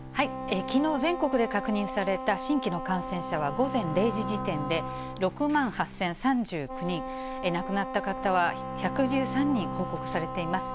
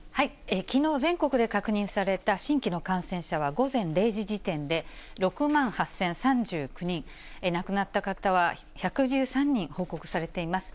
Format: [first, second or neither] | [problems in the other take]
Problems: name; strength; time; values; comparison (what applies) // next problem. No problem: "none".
second | background sound (Wind instrument, woodwind instrument + Bowed string instrument); 6 dB below the speech